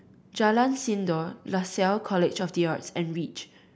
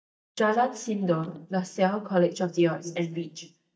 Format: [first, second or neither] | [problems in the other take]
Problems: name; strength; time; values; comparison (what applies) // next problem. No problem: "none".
first | noise reduction (neural mask model DeepFilterNet 3)